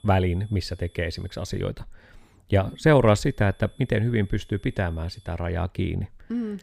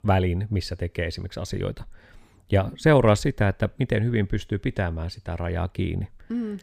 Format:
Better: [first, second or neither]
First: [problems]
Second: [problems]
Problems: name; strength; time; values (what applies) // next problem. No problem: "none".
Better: second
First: high-pitched whine; faint; until 1.5 s and from 2.5 to 5.5 s; 3.5 kHz, 35 dB below the speech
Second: none